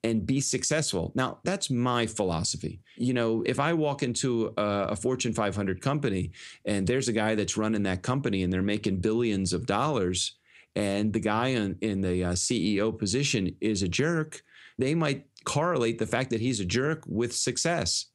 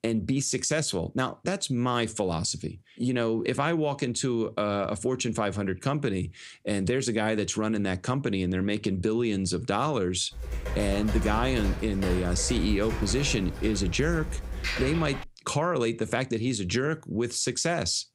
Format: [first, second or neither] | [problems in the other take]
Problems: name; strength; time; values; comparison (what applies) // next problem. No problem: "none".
first | keyboard typing; noticeable; from 10 to 15 s; peak 3 dB below the speech